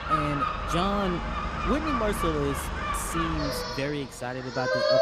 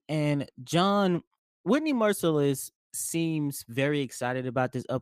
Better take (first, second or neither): second